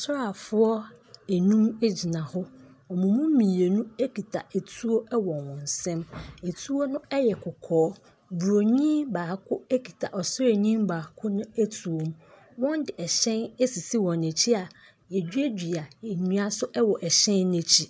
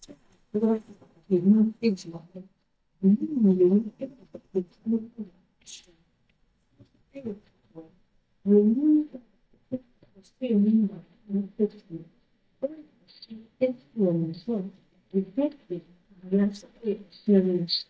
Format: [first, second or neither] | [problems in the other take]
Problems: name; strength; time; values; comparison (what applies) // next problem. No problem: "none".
first | noise reduction (neural mask model DeepFilterNet 3)